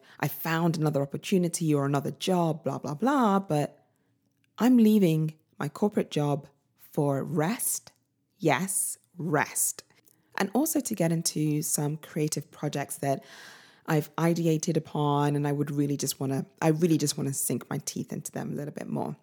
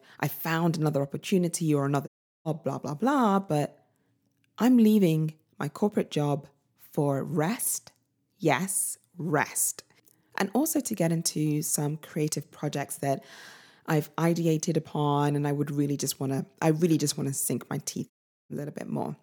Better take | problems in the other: first | audio cutting out; at 2 s and at 18 s

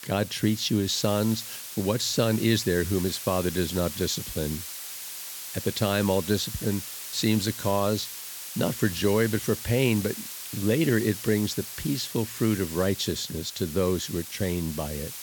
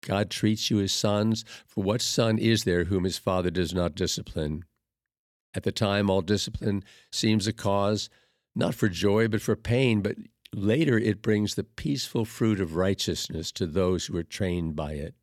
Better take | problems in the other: second | hiss; loud; throughout; 9 dB below the speech

